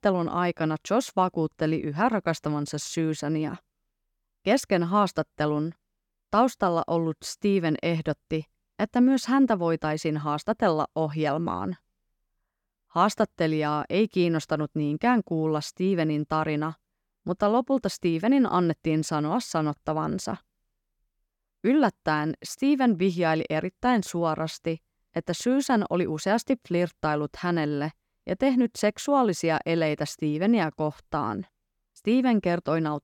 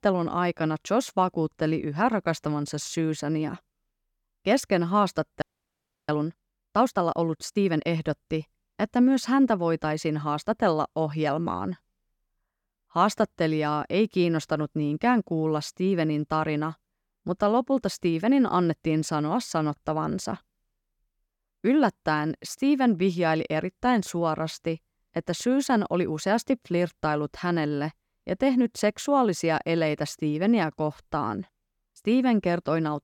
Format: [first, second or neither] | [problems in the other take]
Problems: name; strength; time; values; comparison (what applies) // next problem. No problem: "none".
first | audio freezing; at 5.5 s for 0.5 s